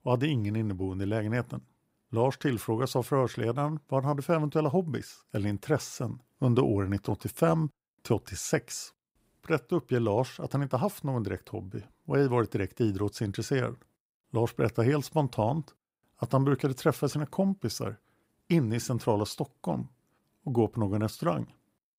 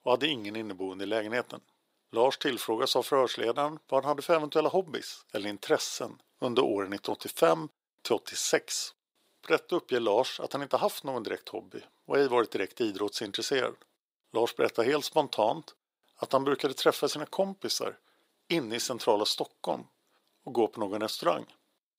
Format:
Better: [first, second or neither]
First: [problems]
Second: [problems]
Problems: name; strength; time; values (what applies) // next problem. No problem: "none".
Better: first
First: none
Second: thin; somewhat; fading below 450 Hz